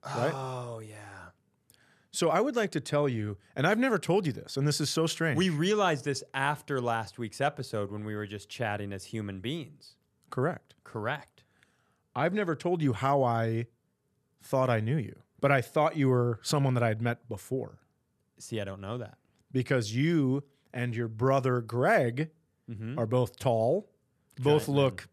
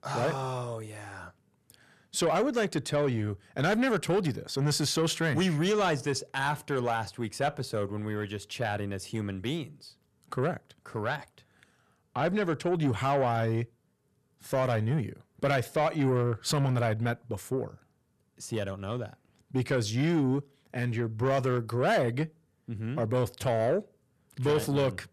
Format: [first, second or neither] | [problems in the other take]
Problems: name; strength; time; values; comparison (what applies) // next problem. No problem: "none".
first | distortion; slight; 10 dB below the speech